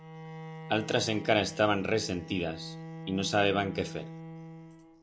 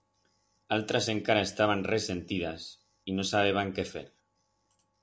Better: second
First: background sound (Bowed string instrument); 12 dB below the speech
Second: none

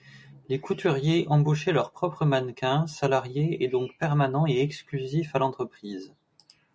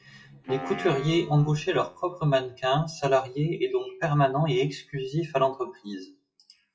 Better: first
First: none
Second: noise reduction (classical method WPE with log-MMSE)

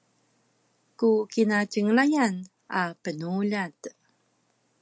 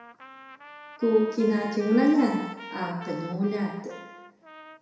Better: first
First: none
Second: background sound (Trumpet); 16 dB below the speech // room echo; dies away in 1 s

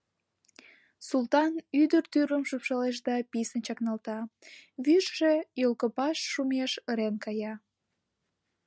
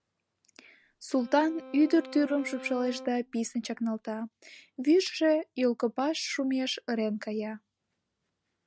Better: first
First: none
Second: background sound (Bowed string instrument); 16 dB below the speech

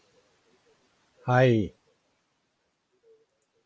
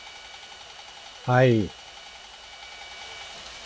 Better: first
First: none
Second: background sound (Sawing); 14 dB below the speech

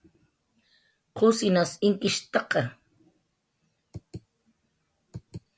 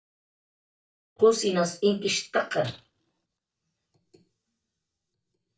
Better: first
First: none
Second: noise reduction (neural mask model DeepFilterNet 3)

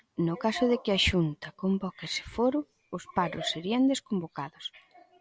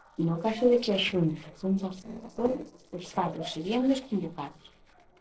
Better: first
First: none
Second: noise reduction (neural separator model SepFormer DNS4)

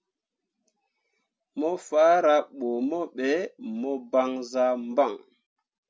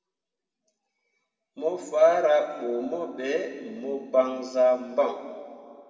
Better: first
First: none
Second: room echo; dies away in 2 s

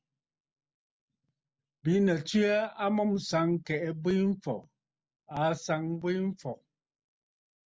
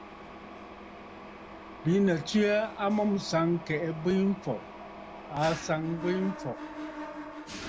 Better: first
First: none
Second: background sound (Mechanisms); 12 dB below the speech

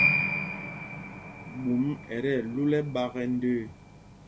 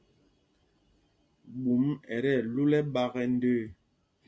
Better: second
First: background sound (Piano); 2 dB below the speech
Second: none

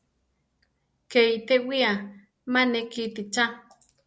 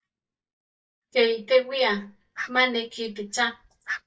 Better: first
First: none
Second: noise reduction (neural mask model DeepFilterNet 3)

